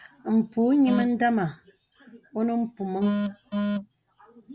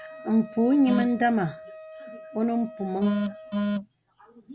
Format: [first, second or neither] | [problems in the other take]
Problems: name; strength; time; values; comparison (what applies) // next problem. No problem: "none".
first | background sound (Wind instrument, woodwind instrument); 18 dB below the speech